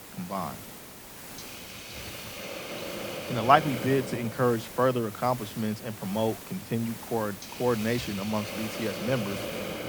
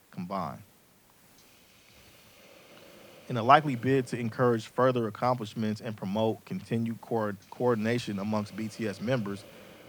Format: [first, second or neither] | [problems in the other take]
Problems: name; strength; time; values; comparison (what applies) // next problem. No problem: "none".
second | hiss; loud; throughout; 9 dB below the speech; faint in the second